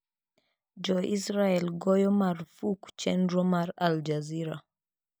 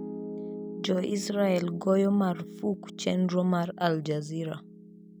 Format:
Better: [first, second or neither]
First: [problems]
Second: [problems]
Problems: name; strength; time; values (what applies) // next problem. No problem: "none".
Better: first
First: none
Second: background sound (Piano); 12 dB below the speech